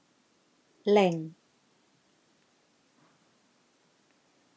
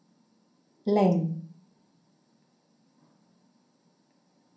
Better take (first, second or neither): first